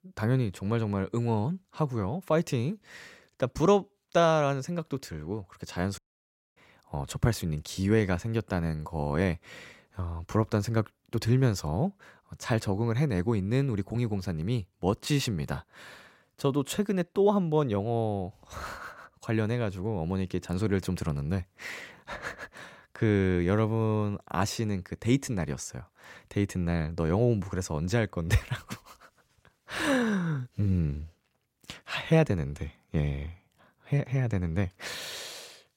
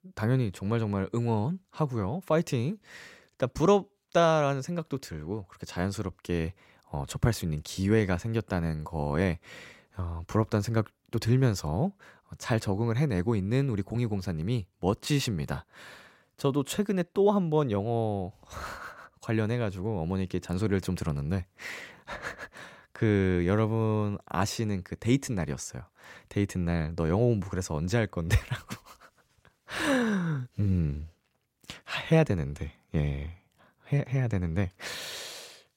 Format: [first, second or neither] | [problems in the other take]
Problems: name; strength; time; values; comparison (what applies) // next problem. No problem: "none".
second | audio cutting out; at 6 s for 0.5 s